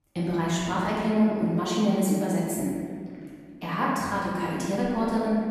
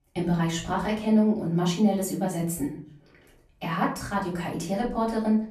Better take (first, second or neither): second